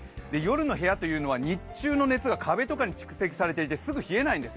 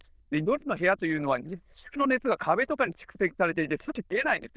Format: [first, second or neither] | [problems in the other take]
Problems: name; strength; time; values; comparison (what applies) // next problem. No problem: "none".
first | noise reduction (neural diffusion model UNIVERSE++)